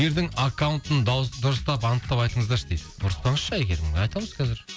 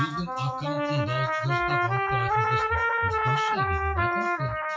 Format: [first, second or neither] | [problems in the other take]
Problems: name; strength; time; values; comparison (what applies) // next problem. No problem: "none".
first | noise reduction (classical method WPE with log-MMSE)